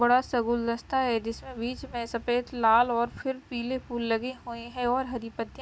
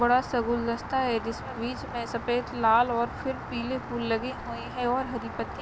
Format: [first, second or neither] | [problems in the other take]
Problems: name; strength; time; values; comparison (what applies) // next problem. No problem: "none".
first | background sound (Rain); 10 dB below the speech